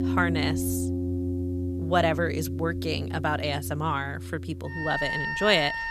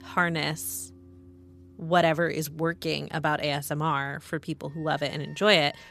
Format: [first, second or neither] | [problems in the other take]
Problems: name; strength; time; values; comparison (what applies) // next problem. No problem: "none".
second | background music; loud; throughout; 3 dB below the speech; faint in the second